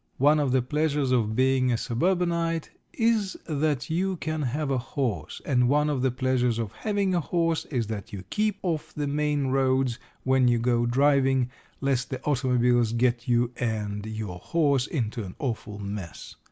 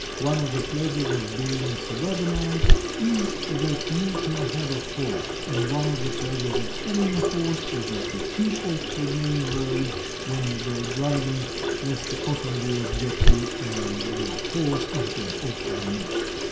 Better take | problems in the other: first | background sound (Sink (filling or washing) / Water tap, faucet); 2 dB above the speech // room echo; dies away in 0.7 s

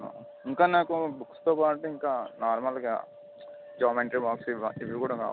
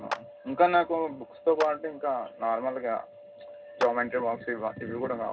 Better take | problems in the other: first | background sound (Clapping); 13 dB below the speech // room echo; dies away in 0.2 s

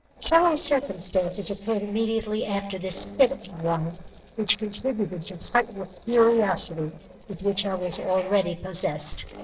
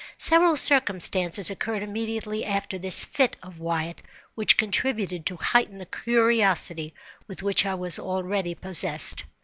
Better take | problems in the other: second | noise reduction (neural separator model SepFormer DNS4)

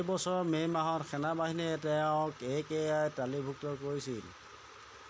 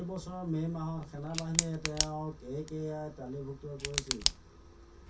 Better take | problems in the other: first | background sound (Tick); 1 dB below the speech // room echo; dies away in 0.3 s

